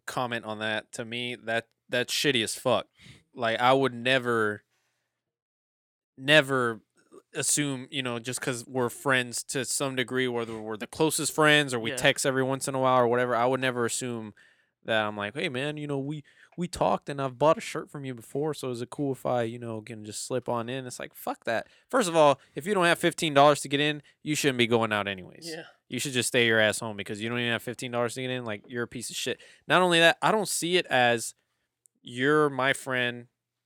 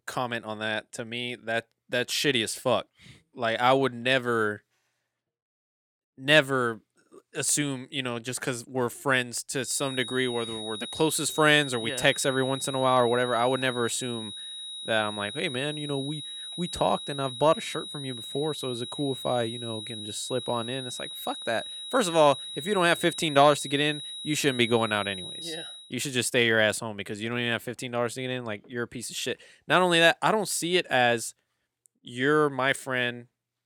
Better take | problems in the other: first | high-pitched whine; loud; from 10 to 26 s; 4 kHz, 9 dB below the speech

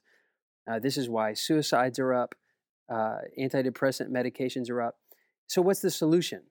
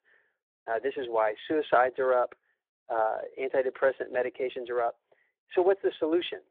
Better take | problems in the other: first | phone-call audio; nothing above 3.5 kHz

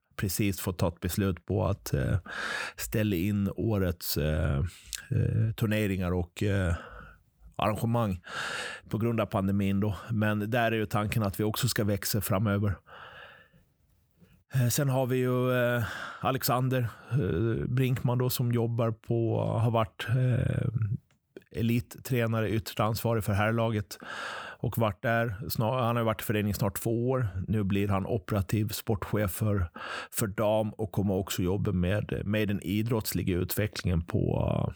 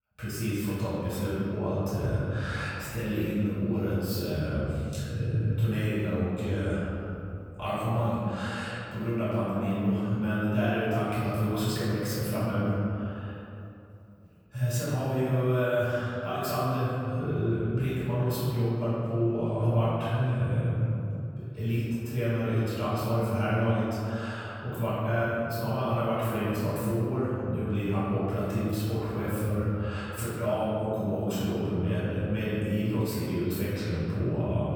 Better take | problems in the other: first | off-mic speech; far // room echo; strong; dies away in 2.4 s

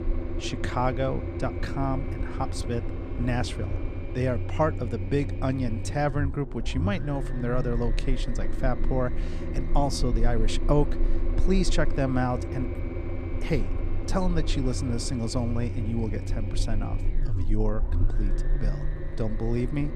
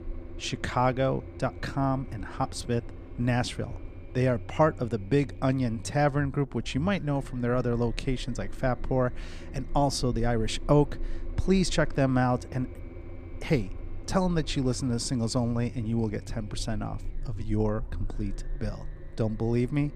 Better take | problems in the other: second | low rumble; loud; throughout; 9 dB below the speech; faint in the second

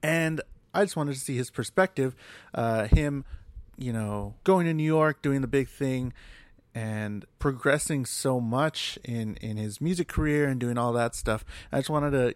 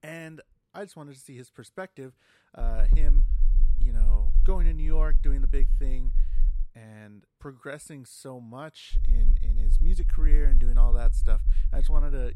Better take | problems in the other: first | low rumble; noticeable; from 2.5 to 6.5 s and from 9 s on; 10 dB below the speech

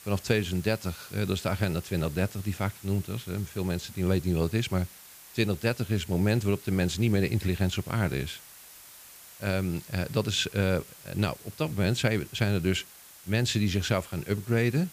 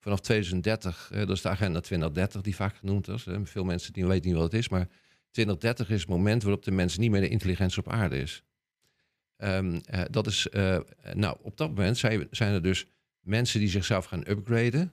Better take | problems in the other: second | hiss; noticeable; throughout; 20 dB below the speech

